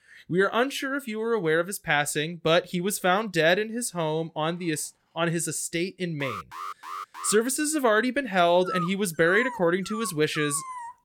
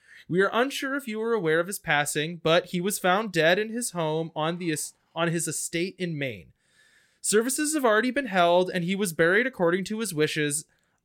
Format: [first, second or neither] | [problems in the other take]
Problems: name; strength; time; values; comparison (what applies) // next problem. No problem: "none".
second | alarm; faint; from 6 to 7.5 s; peak 10 dB below the speech // dog barking; noticeable; from 8.5 s on; peak 7 dB below the speech